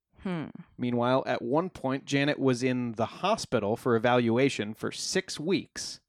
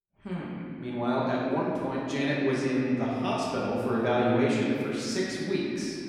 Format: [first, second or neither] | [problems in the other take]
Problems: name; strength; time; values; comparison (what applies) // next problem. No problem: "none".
first | room echo; strong; dies away in 2.7 s // off-mic speech; far